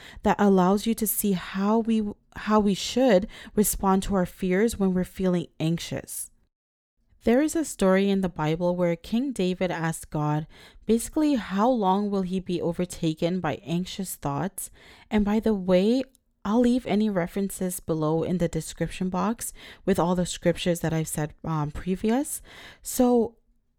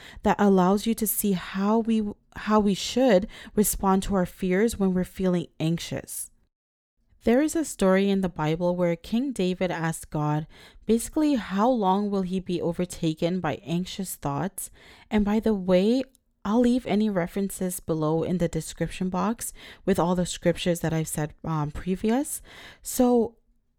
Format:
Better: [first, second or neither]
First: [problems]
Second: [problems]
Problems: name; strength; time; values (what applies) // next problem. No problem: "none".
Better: neither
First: none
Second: none